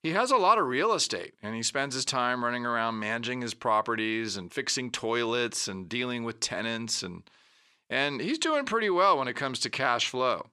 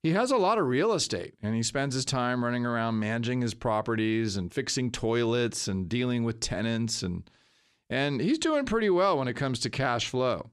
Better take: second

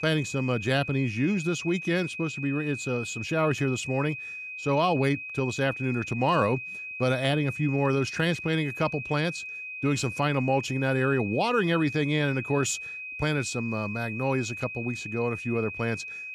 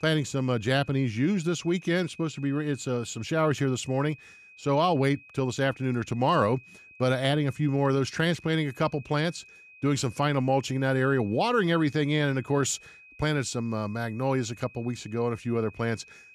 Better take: second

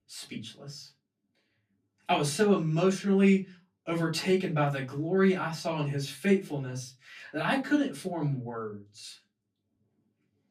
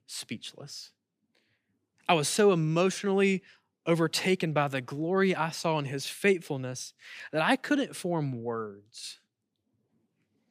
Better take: second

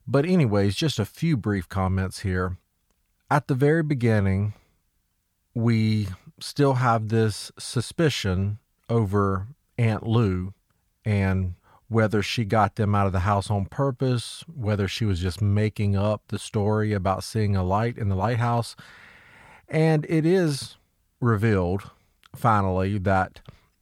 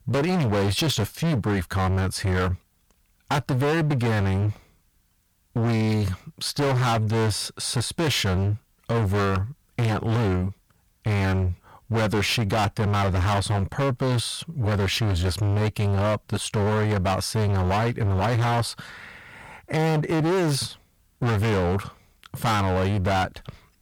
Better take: first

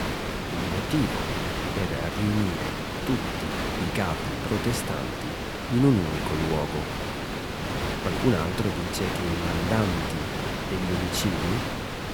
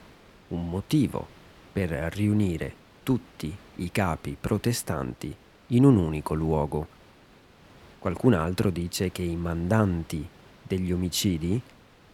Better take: second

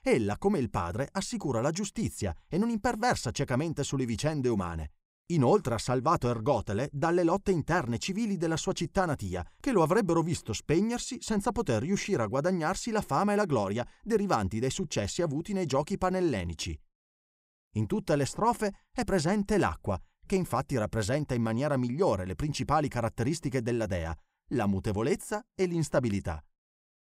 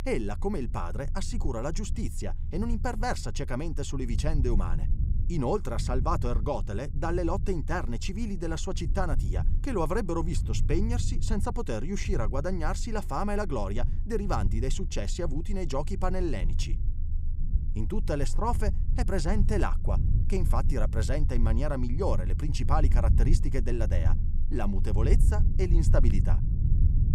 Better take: first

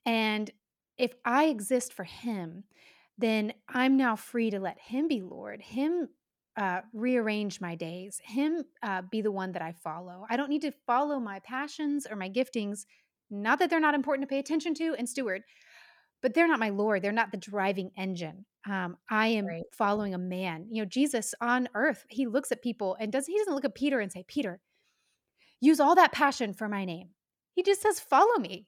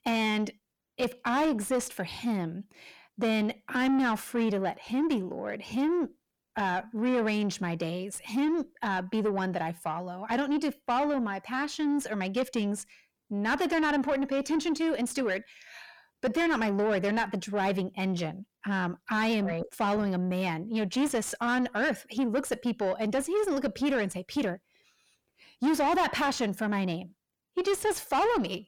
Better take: first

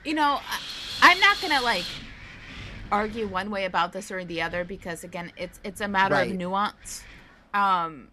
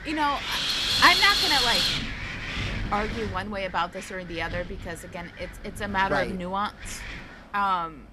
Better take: first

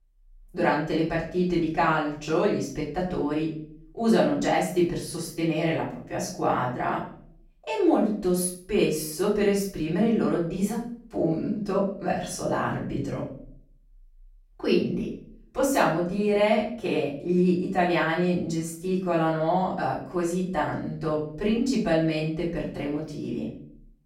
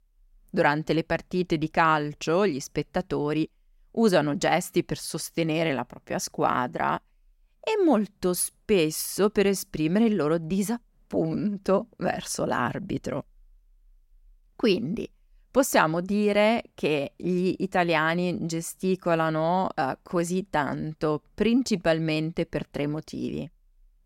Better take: second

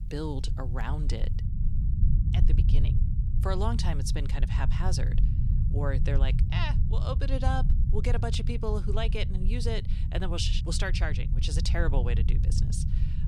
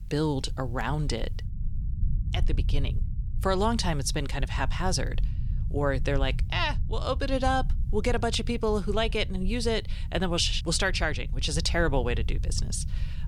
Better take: second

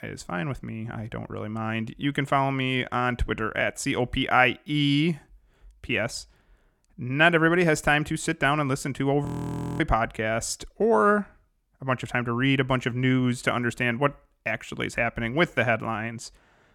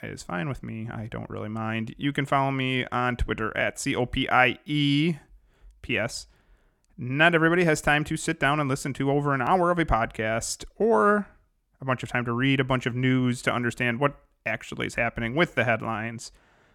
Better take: second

